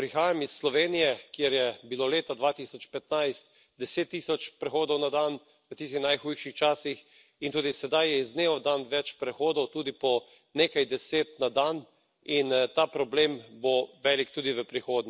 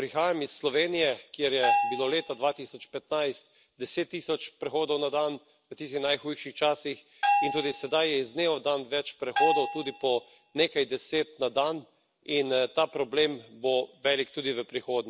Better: first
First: none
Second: background sound (Bell); 1 dB below the speech

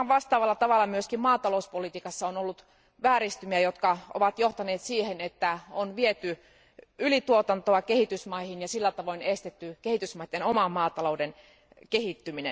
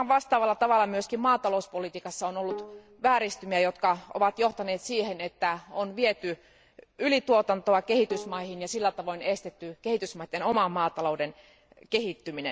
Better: first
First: none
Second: background sound (Bowed string instrument); 17 dB below the speech

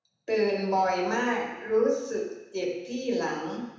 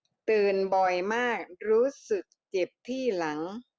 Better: second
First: room echo; dies away in 1 s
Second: none

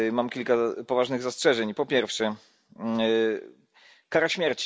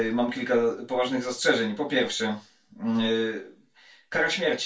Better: first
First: none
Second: room echo; dies away in 0.2 s

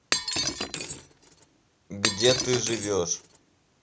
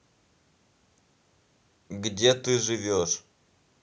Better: second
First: background sound (Shatter); 2 dB below the speech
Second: none

